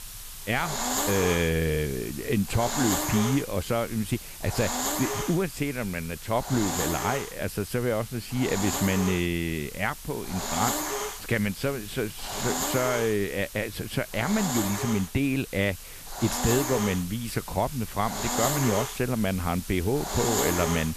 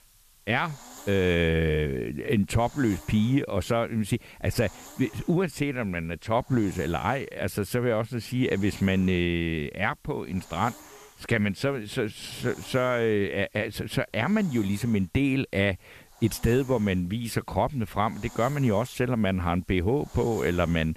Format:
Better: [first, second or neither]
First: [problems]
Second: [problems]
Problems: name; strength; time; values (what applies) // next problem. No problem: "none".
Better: second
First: hiss; loud; throughout; 4 dB below the speech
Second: hiss; faint; throughout; 25 dB below the speech